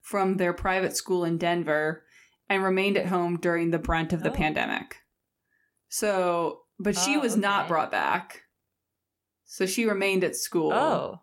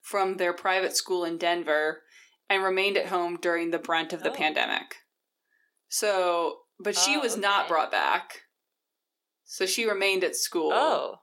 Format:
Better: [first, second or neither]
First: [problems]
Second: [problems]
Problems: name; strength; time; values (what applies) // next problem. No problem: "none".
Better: first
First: none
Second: thin; somewhat; fading below 350 Hz